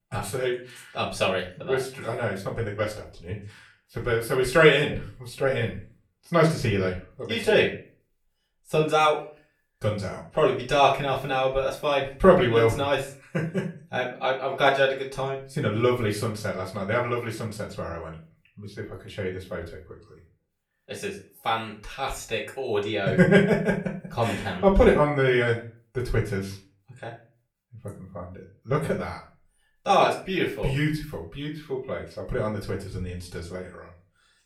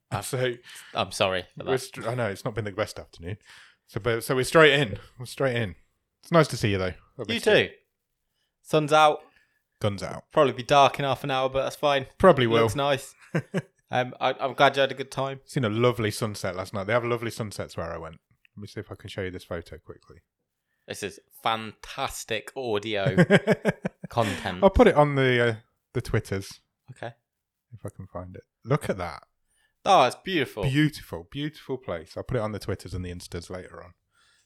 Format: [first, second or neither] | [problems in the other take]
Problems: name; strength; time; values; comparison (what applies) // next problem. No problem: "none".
second | room echo; slight; dies away in 0.3 s // off-mic speech; far